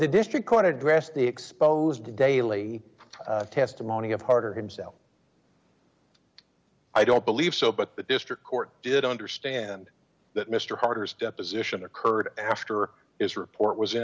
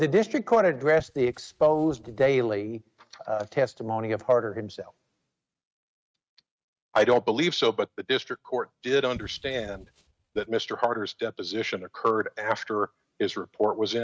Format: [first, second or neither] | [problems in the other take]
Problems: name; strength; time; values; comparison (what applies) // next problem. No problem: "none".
first | noise reduction (neural mask model RNNoise)